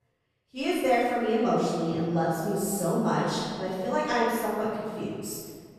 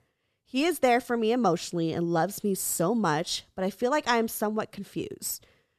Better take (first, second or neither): second